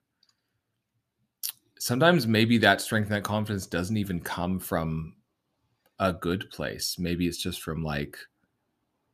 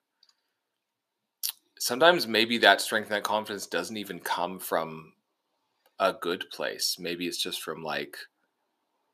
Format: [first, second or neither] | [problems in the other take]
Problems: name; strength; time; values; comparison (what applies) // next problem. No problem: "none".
first | thin; somewhat; fading below 450 Hz